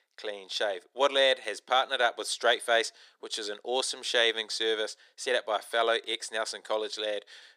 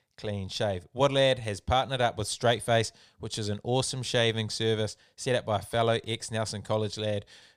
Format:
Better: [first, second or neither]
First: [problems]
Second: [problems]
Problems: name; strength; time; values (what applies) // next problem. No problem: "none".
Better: second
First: thin; very; fading below 350 Hz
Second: none